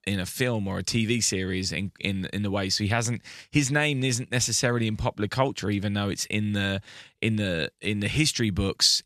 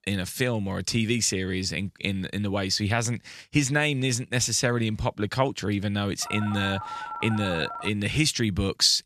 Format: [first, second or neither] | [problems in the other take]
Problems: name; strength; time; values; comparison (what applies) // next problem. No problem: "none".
first | phone ringing; noticeable; from 6 to 8 s; peak 9 dB below the speech